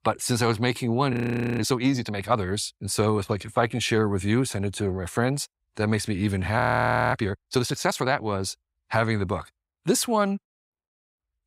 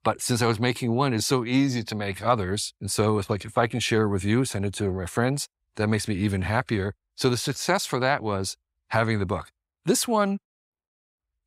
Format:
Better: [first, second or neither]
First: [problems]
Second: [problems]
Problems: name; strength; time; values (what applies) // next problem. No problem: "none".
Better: second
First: audio freezing; at 1 s and at 6.5 s for 0.5 s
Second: none